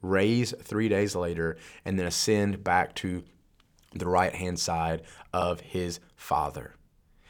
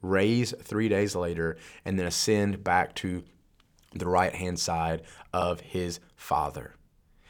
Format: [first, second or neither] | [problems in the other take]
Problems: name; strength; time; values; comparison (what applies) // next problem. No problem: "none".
neither | none